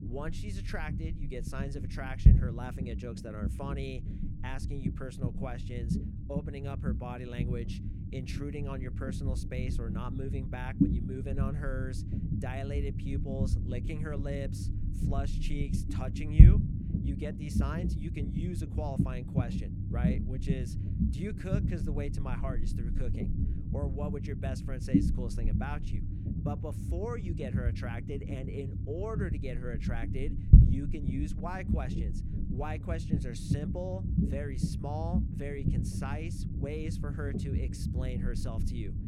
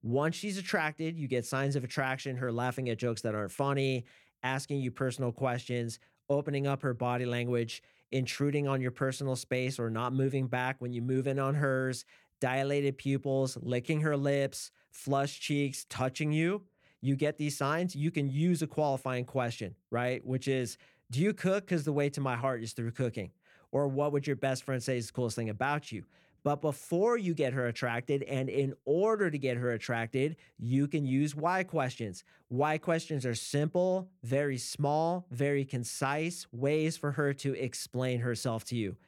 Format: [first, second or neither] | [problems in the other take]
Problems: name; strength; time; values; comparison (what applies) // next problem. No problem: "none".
second | low rumble; loud; throughout; 1 dB below the speech